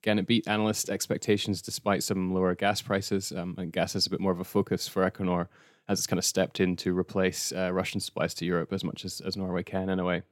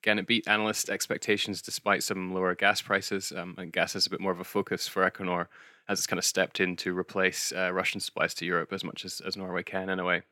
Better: first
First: none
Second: thin; somewhat; fading below 650 Hz

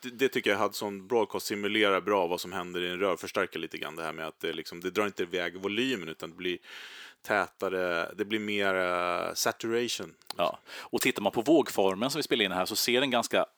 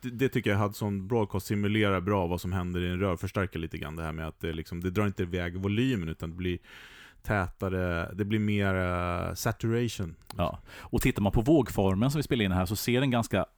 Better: second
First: thin; somewhat; fading below 400 Hz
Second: none

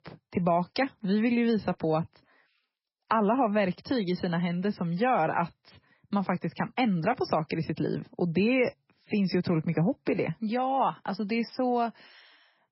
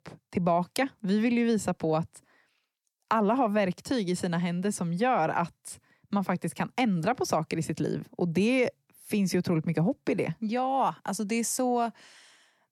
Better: second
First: garbled, watery; badly; nothing above 5.5 kHz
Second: none

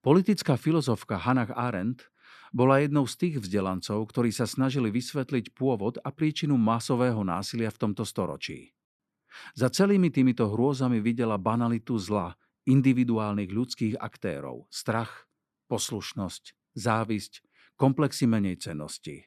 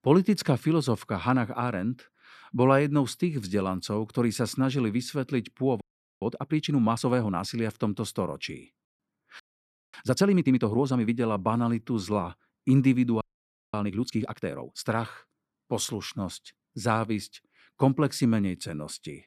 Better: first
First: none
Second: audio freezing; at 6 s, at 9.5 s for 0.5 s and at 13 s for 0.5 s

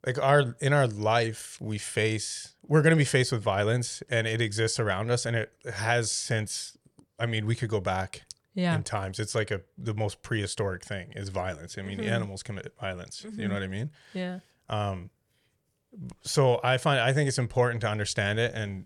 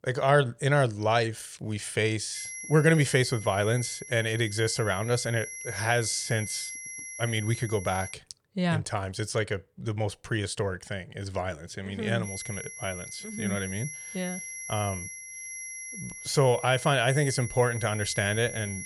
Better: first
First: none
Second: high-pitched whine; loud; from 2.5 to 8 s and from 12 s on; 2 kHz, 10 dB below the speech

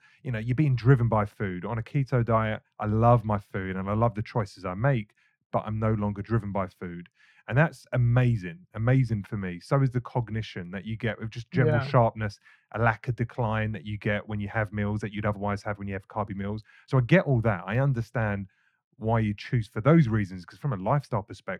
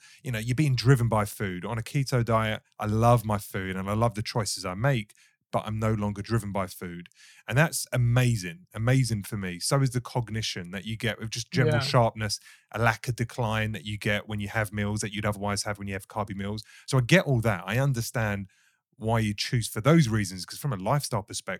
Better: second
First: muffled; very; fading above 4 kHz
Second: none

